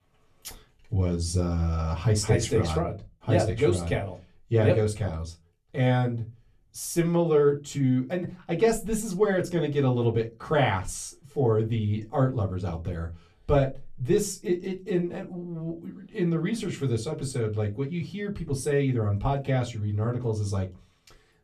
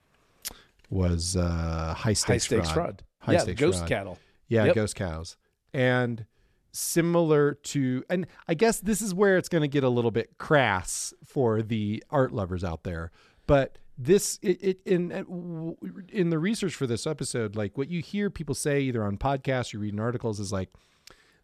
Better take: second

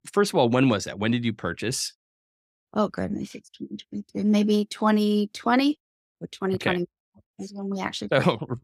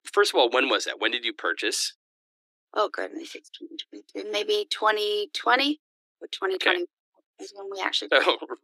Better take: first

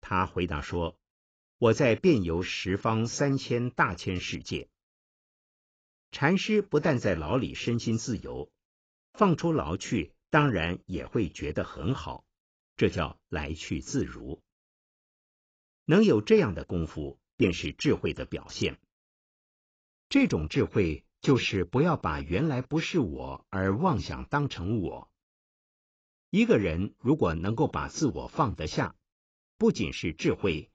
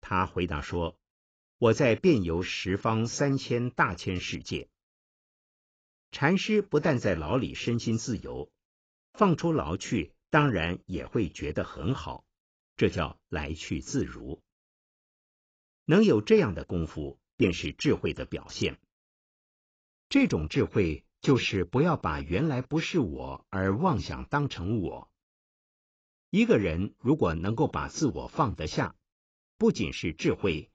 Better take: neither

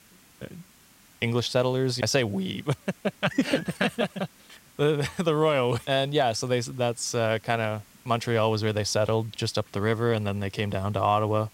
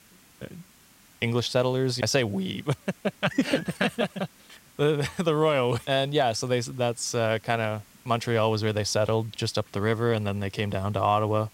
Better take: neither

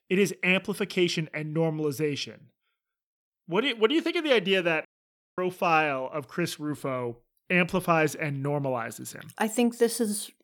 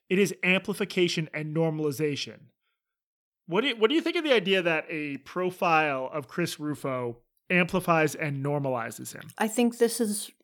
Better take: second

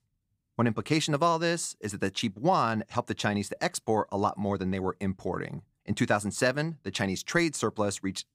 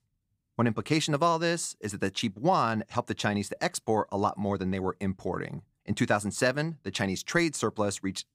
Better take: neither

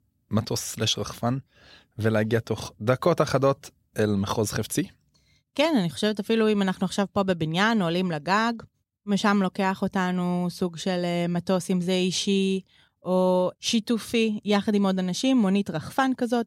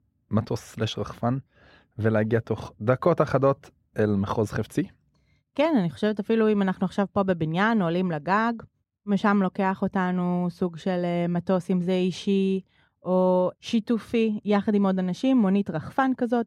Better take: first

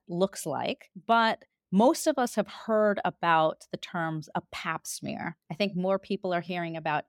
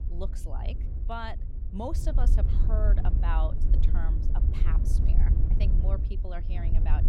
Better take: first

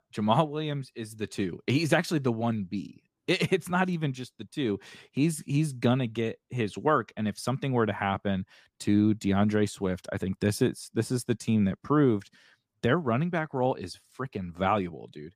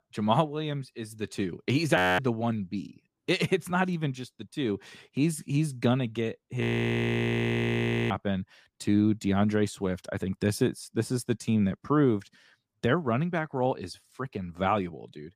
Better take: first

